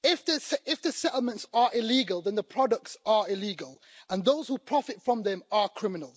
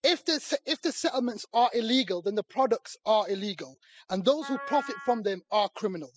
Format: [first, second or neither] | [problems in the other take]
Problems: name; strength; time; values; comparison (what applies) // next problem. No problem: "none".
first | noise reduction (classical method spectral subtraction)